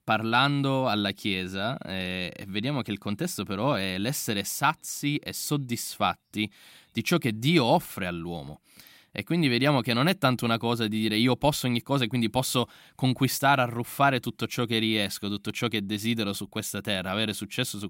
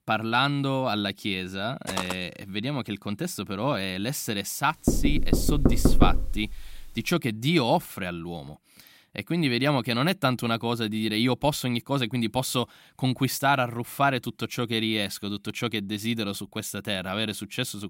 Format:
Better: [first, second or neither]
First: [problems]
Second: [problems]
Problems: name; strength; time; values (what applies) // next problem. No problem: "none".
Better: first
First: none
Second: footsteps; noticeable; at 2 s; peak 5 dB below the speech // door banging; loud; from 5 to 6.5 s; peak 5 dB above the speech